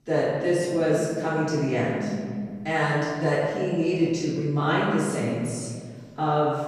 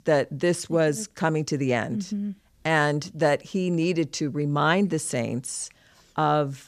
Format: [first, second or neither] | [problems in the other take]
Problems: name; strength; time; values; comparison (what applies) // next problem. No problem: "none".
second | room echo; strong; dies away in 1.7 s // off-mic speech; far